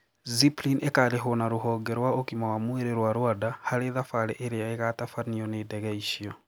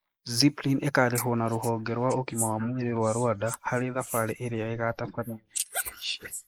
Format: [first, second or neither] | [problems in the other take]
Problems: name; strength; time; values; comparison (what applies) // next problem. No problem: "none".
first | noise reduction (neural mask model Resemble Enhance denoiser)